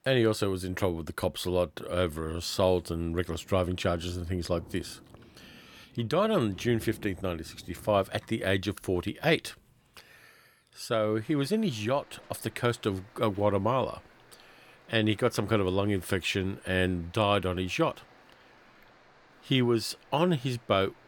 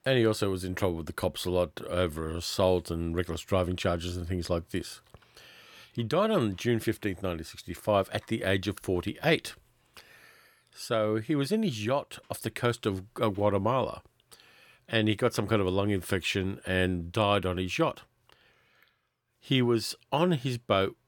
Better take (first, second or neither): second